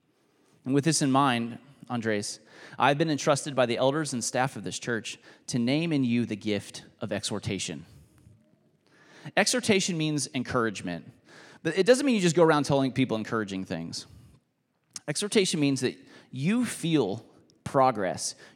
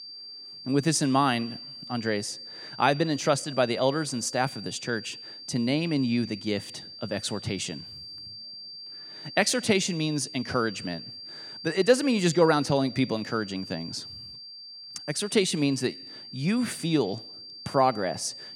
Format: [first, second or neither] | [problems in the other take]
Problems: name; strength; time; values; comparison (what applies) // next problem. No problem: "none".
first | high-pitched whine; noticeable; throughout; 4.5 kHz, 15 dB below the speech